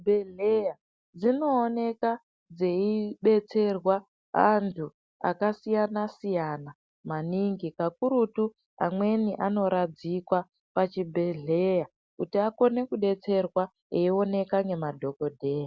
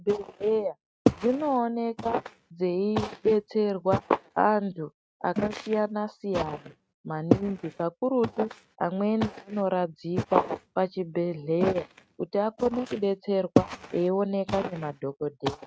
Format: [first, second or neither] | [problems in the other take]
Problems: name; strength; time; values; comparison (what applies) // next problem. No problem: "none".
first | noise reduction (neural mask model RNNoise)